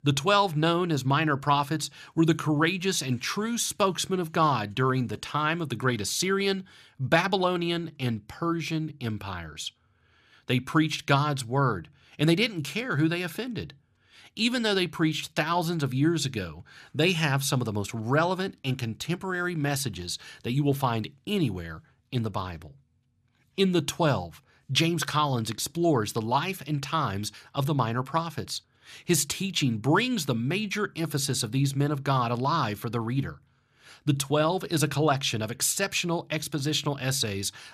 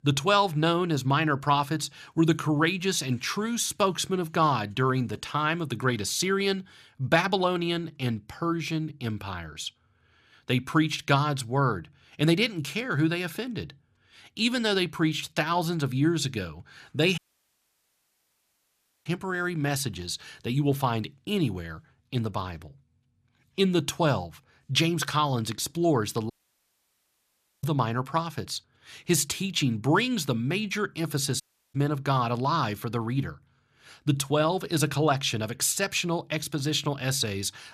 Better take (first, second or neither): first